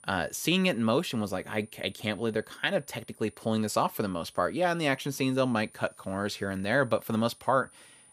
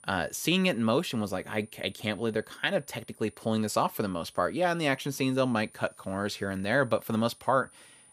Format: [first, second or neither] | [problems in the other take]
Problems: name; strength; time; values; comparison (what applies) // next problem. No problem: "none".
neither | high-pitched whine; faint; throughout; 9.5 kHz, 25 dB below the speech; the same in both